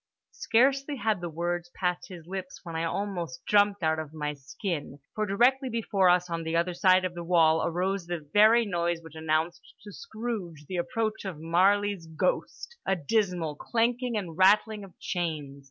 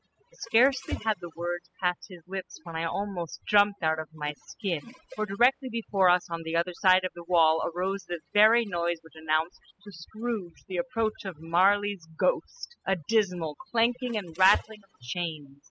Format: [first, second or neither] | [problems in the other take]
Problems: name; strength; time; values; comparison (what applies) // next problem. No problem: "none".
first | noise reduction (classical method spectral subtraction)